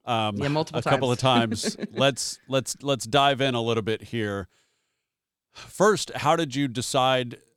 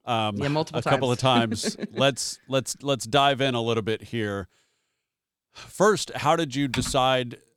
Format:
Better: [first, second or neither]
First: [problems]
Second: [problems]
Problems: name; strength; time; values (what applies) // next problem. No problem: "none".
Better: first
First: none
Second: keyboard typing; noticeable; at 6.5 s; peak 8 dB below the speech